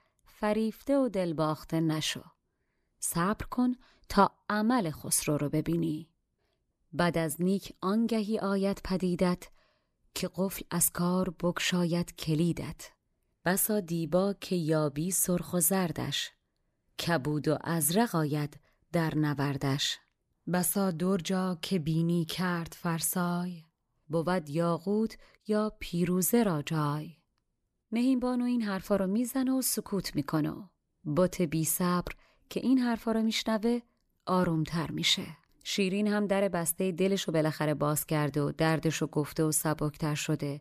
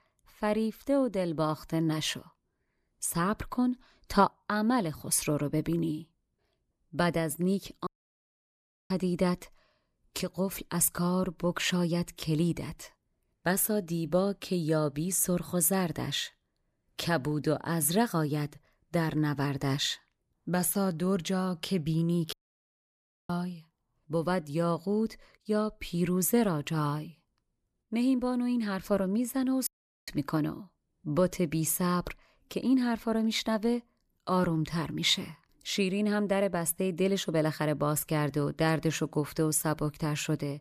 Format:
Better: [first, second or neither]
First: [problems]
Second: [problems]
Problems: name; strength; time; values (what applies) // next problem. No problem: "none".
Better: first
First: none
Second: audio cutting out; at 8 s for 1 s, at 22 s for 1 s and at 30 s